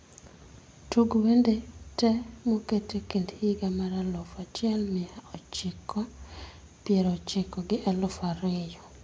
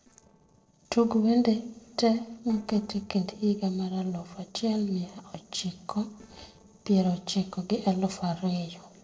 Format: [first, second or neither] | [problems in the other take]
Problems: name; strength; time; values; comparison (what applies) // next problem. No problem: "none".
first | noise reduction (neural separator model SepFormer DNS4)